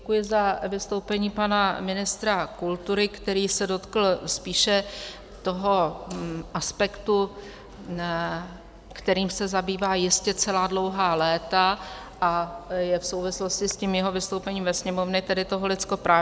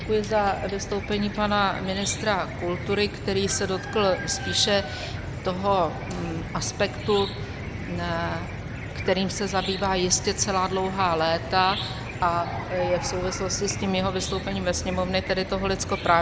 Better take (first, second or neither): first